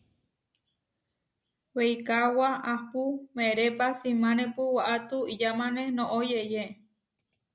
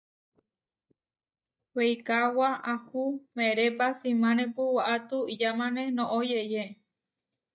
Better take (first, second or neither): first